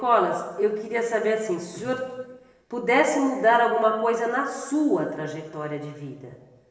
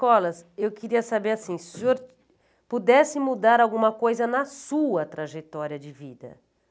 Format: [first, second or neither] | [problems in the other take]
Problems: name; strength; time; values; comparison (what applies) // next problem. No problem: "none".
second | room echo; dies away in 1 s